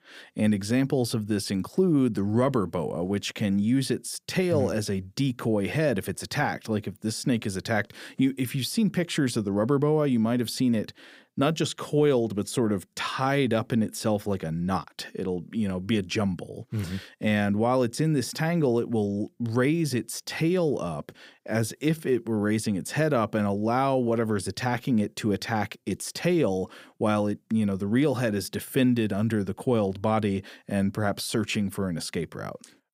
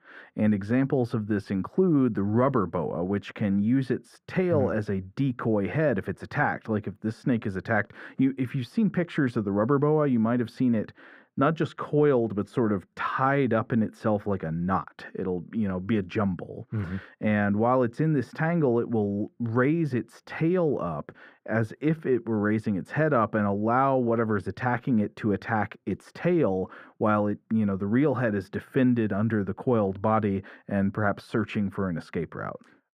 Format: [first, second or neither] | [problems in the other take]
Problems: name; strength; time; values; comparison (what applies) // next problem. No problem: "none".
first | muffled; very; fading above 3 kHz